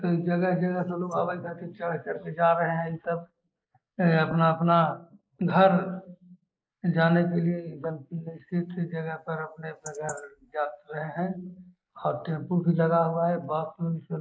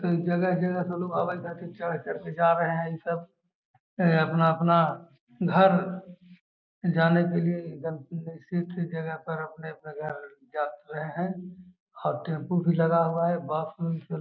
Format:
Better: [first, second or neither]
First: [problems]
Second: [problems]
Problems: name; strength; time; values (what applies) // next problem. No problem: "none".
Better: second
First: noise reduction (neural mask model Resemble Enhance denoiser)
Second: none